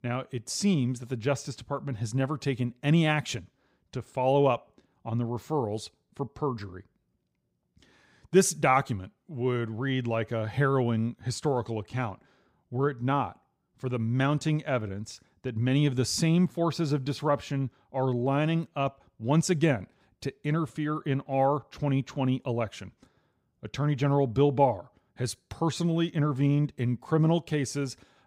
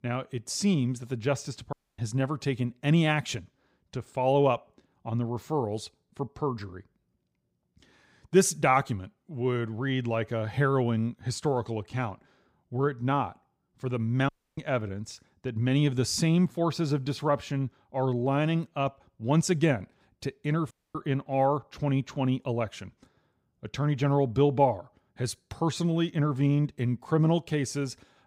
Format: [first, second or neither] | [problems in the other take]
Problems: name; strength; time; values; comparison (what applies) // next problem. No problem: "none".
first | audio cutting out; at 1.5 s, at 14 s and at 21 s